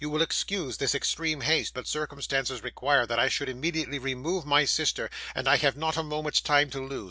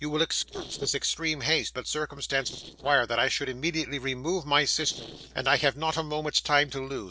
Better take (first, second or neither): first